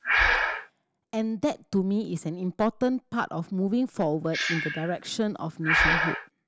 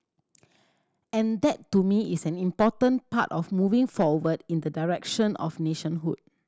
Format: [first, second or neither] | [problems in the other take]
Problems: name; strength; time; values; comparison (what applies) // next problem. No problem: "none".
second | background sound (Breathing); 1 dB below the speech